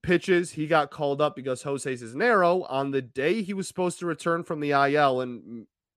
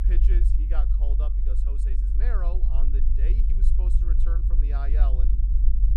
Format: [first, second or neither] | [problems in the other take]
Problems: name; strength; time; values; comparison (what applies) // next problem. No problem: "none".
first | low rumble; loud; throughout; 3 dB below the speech